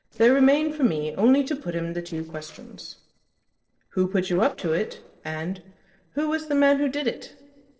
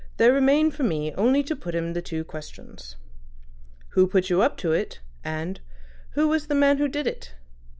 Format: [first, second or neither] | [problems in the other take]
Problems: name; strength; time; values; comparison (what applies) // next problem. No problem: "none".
second | noise reduction (neural separator model SepFormer DNS4)